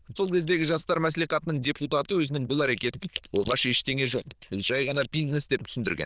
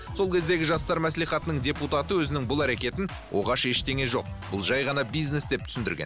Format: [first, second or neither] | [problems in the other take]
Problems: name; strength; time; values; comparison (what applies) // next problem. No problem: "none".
second | noise reduction (neural diffusion model UNIVERSE++)